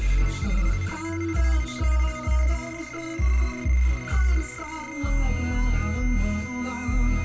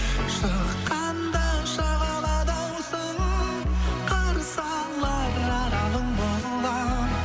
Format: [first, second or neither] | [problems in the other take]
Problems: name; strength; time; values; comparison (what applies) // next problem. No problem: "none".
second | background sound (Ringtone); 17 dB below the speech // room echo; dies away in 0.2 s